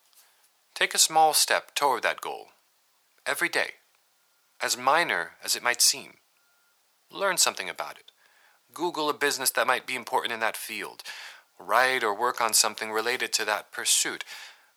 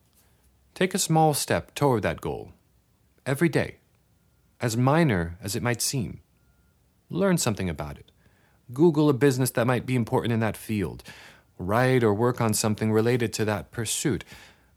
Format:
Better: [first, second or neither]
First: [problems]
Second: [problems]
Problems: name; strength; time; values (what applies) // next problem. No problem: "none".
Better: second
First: thin; very; fading below 950 Hz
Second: none